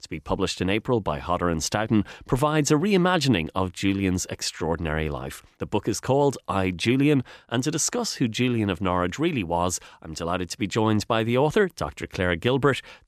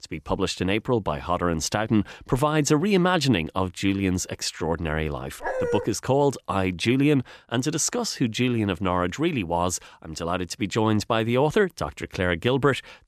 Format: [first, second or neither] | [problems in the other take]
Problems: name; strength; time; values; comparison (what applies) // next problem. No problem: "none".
first | dog barking; noticeable; at 5.5 s; peak 3 dB below the speech